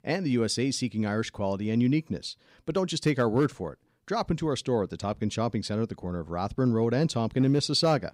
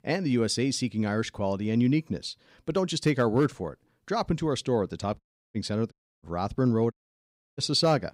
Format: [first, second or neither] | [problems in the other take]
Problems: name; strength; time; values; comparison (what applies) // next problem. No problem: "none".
first | audio cutting out; at 5 s, at 6 s and at 7 s for 0.5 s